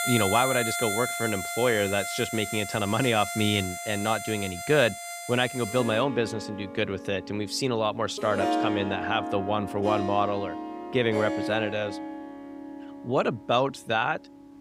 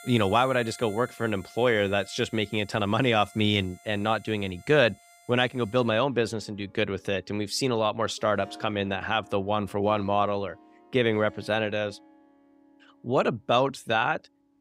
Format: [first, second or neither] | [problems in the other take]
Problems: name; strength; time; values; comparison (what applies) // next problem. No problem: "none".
second | background music; loud; throughout; 6 dB below the speech; faint in the second